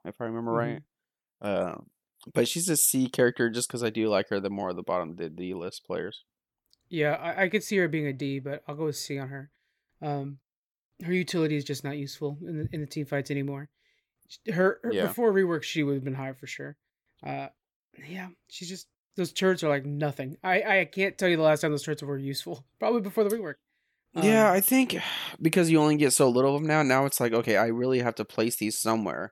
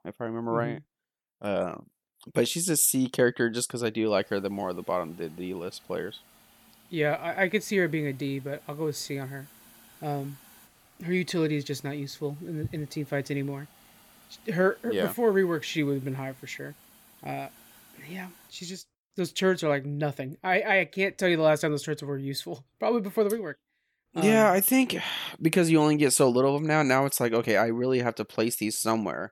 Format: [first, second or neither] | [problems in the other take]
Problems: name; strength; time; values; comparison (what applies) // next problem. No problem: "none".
first | hiss; faint; from 4 to 19 s; 25 dB below the speech